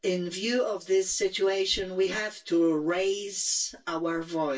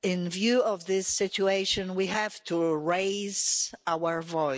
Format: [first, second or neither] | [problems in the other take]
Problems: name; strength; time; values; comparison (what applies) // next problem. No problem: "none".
second | room echo; dies away in 0.2 s